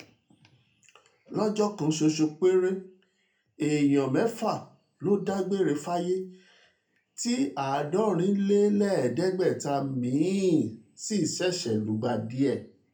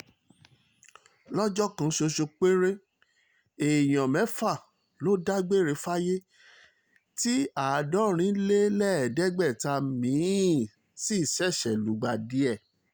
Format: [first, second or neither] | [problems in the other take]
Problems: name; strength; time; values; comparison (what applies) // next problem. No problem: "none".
second | room echo; dies away in 0.3 s